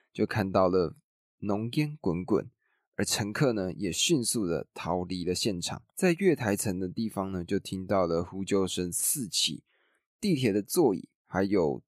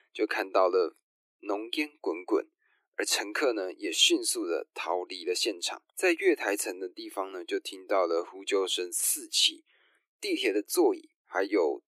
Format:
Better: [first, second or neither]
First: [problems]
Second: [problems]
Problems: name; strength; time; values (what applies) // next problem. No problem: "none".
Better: first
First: none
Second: thin; very; fading below 300 Hz